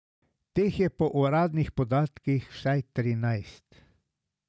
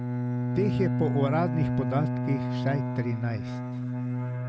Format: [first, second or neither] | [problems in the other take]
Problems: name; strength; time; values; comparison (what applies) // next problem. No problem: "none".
first | background sound (Bowed string instrument); 2 dB above the speech